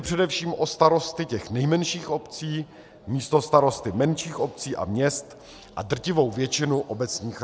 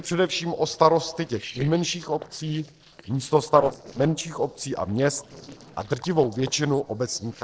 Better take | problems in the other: first | noise reduction (neural separator model SepFormer DNS4)

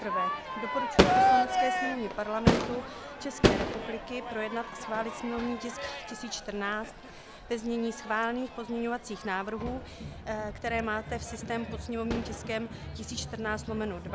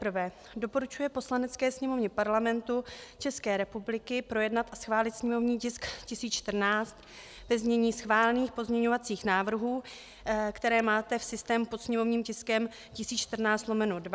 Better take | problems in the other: second | background sound (Crowd / Fireworks); 3 dB above the speech

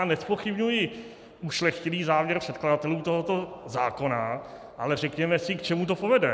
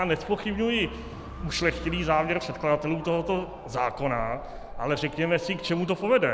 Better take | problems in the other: first | background sound (Motorcycle / Dog); 13 dB below the speech

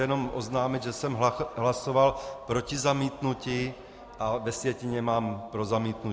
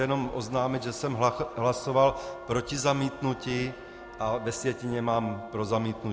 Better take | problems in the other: first | background sound (Wind instrument, woodwind instrument); 19 dB below the speech

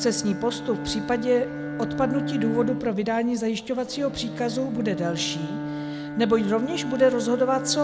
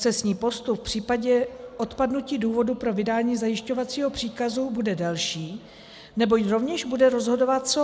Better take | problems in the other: second | background sound (Bowed string instrument); 7 dB below the speech

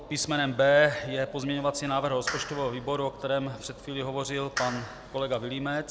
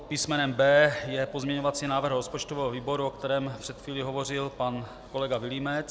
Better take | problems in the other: second | background sound (Clapping); 11 dB below the speech

